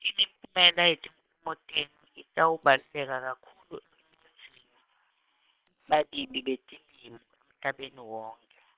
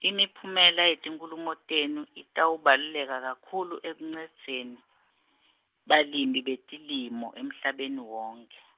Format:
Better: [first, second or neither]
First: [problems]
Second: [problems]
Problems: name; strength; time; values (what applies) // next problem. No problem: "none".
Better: second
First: noise reduction (neural separator model SepFormer WHAM!)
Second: none